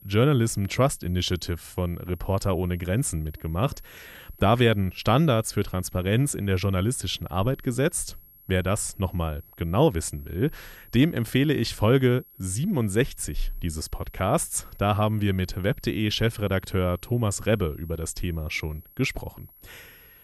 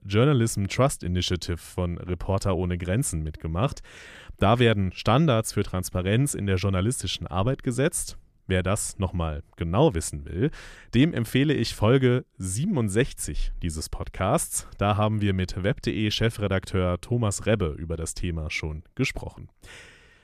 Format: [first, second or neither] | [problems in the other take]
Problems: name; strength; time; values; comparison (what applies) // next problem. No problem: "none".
second | high-pitched whine; faint; throughout; 11.5 kHz, 25 dB below the speech